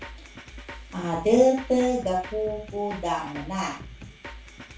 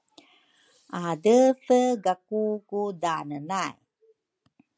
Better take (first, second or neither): second